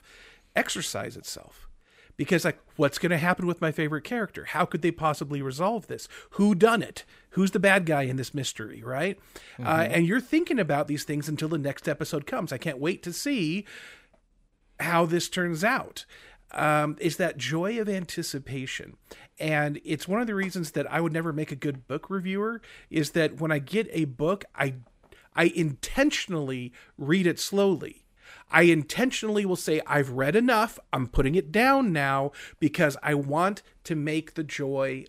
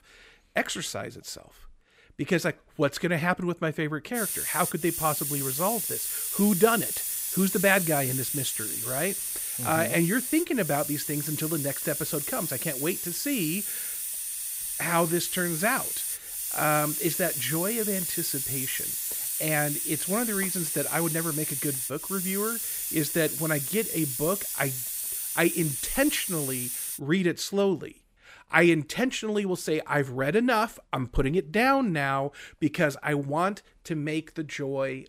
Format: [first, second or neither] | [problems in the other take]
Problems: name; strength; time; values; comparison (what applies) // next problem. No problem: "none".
first | hiss; loud; from 4 to 27 s; 1 dB below the speech